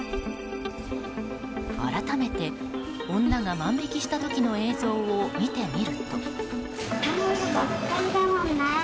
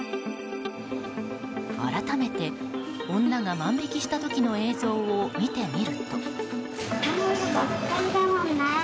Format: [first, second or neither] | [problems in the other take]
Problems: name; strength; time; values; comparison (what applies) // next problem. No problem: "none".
second | background sound (Piano + Hands); 14 dB below the speech